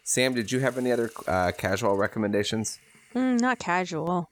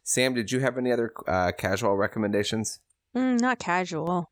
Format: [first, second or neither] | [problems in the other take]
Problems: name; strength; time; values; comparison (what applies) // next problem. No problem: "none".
second | hiss; faint; throughout; 25 dB below the speech